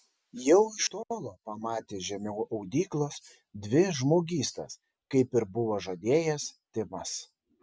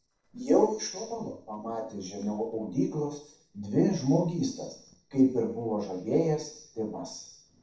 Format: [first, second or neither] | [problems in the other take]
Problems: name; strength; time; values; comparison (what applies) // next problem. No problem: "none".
first | noise reduction (neural separator model SepFormer DNS4)